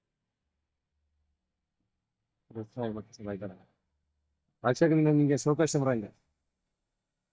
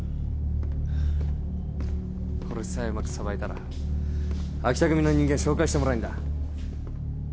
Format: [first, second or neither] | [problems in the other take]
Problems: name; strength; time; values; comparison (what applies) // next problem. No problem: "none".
second | noise reduction (neural mask model DeepFilterNet 3)